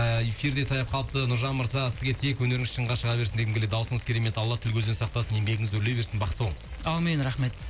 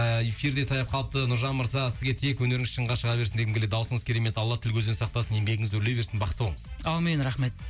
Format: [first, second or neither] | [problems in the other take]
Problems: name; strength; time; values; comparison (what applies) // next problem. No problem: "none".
second | background sound (Boiling); 18 dB below the speech